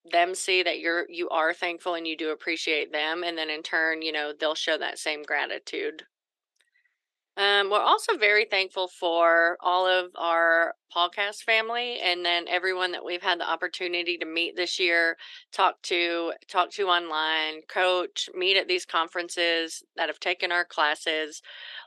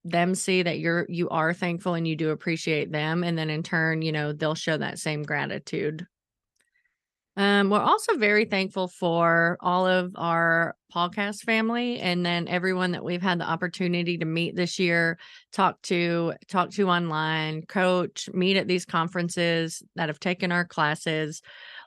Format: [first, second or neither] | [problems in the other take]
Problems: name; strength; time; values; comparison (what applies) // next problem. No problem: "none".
second | thin; very; fading below 350 Hz